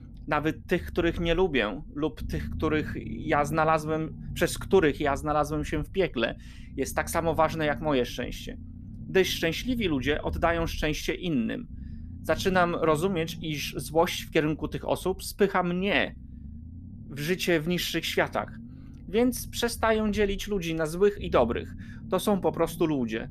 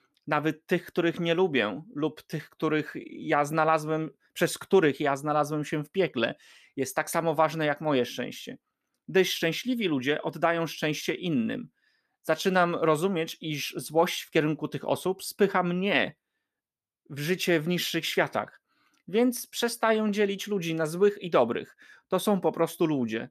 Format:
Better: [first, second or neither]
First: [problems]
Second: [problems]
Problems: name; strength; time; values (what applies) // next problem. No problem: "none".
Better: second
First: low rumble; faint; throughout; 25 dB below the speech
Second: none